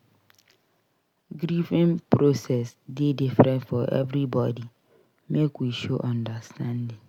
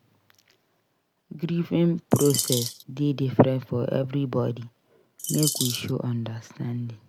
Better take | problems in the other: first | background sound (Bird vocalization, bird call, bird song); 3 dB below the speech

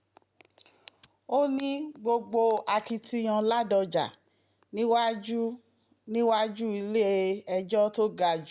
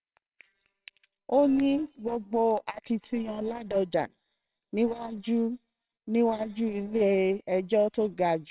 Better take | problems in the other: first | noise reduction (neural separator model SepFormer WHAMR!)

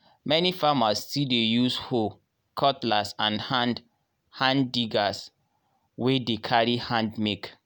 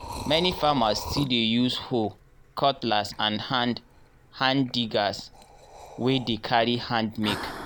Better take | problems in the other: first | background sound (Liquid); 14 dB below the speech

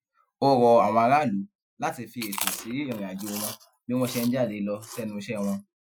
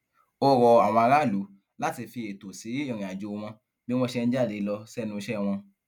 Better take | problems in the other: second | noise reduction (classical method Wiener filter)

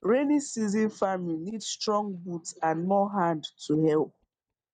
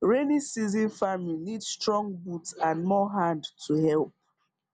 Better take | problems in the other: second | noise reduction (neural mask model DeepFilterNet 3)

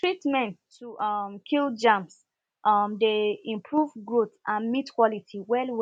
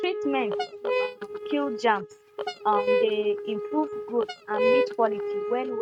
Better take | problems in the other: first | noise reduction (neural mask model RNNoise)

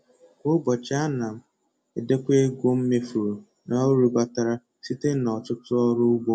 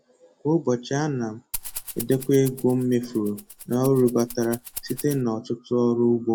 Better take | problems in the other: first | background sound (Rattle (instrument)); 14 dB below the speech

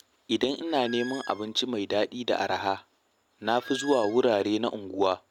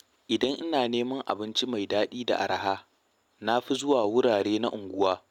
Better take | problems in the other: second | background sound (Squeak); 15 dB below the speech

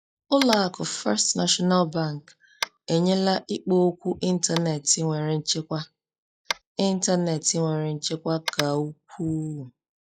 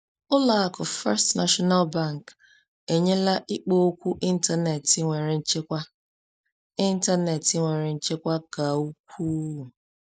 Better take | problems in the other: second | noise reduction (classical method log-MMSE)

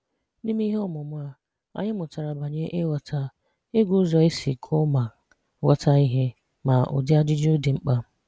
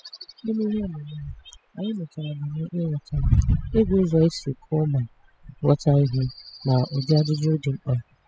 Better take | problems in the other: first | noise reduction (classical method spectral subtraction)

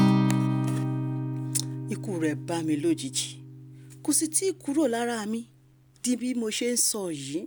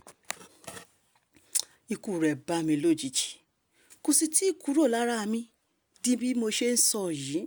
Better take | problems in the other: second | background sound (Acoustic guitar); 1 dB below the speech

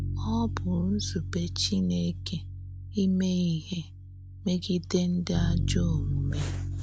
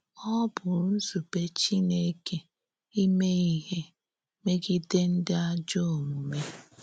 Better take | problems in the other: second | background sound (Bass guitar); 3 dB below the speech

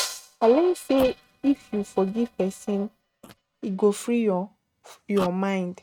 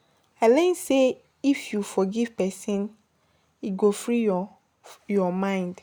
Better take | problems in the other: second | noise reduction (neural mask model RNNoise)

